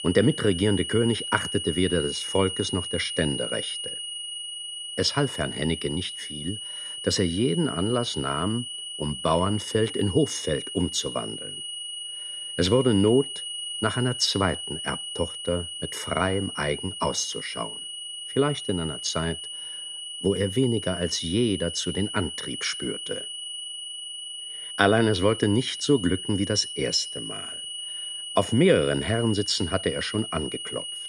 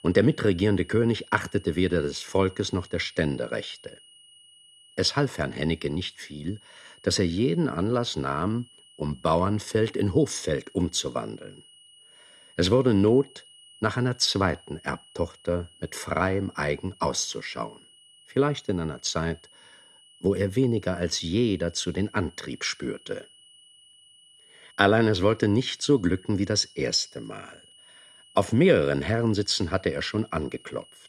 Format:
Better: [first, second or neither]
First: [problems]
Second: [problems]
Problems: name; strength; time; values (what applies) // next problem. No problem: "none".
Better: second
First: high-pitched whine; loud; throughout; 3 kHz, 7 dB below the speech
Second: high-pitched whine; faint; throughout; 3 kHz, 25 dB below the speech